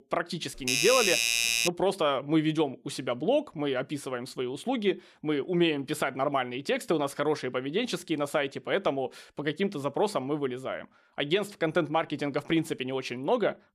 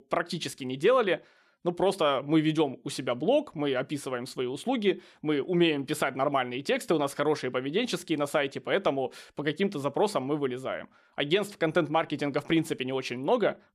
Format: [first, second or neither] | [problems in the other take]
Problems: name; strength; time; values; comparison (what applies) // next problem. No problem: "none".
second | doorbell; loud; from 0.5 to 1.5 s; peak 6 dB above the speech